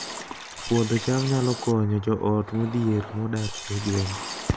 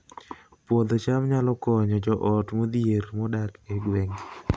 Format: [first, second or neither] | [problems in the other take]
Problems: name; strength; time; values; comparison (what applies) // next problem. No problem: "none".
second | background sound (Liquid); 11 dB below the speech